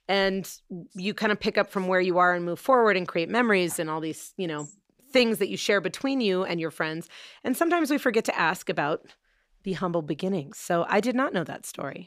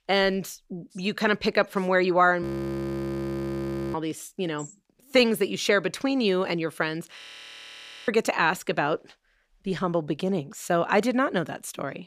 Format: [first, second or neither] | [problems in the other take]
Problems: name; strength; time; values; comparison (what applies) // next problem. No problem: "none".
first | audio freezing; at 2.5 s for 1.5 s and at 7 s for 1 s